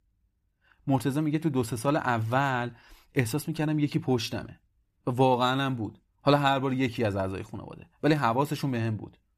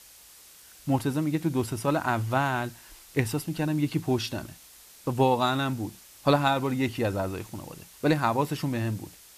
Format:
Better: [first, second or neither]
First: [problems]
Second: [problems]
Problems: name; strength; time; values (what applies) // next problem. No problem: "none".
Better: first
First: none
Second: hiss; faint; throughout; 20 dB below the speech